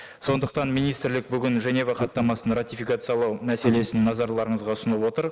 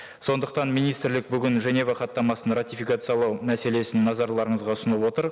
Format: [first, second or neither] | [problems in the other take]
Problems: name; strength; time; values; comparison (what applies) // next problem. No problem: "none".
second | noise reduction (neural mask model Resemble Enhance denoiser)